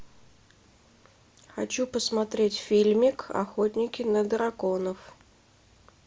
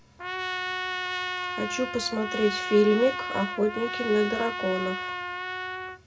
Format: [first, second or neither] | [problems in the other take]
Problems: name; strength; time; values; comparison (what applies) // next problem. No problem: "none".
first | background sound (Trumpet); 5 dB below the speech // room echo; dies away in 0.2 s